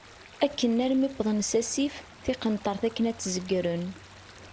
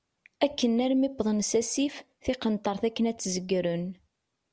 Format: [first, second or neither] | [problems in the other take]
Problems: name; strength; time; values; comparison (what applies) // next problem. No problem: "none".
second | background sound (Stream); 20 dB below the speech